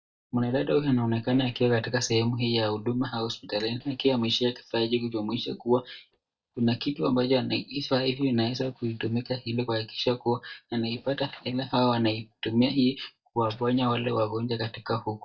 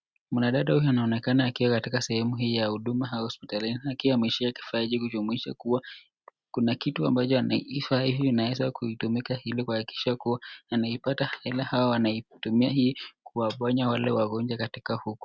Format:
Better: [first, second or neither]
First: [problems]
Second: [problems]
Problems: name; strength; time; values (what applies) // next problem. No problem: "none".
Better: second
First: noise reduction (neural mask model DeepFilterNet 3)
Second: none